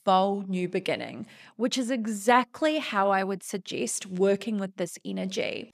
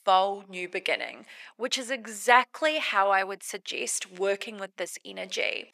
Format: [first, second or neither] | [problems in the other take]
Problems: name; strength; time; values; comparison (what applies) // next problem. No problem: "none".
first | thin; very; fading below 550 Hz